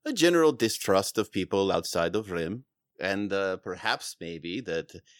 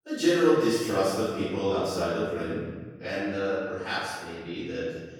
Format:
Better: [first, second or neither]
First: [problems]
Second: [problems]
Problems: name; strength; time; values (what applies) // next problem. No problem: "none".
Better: first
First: none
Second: off-mic speech; far // room echo; strong; dies away in 1.5 s